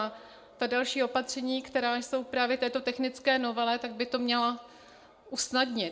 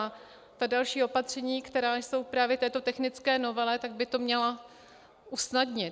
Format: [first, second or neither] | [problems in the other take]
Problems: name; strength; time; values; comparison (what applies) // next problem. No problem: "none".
second | room echo; dies away in 0.3 s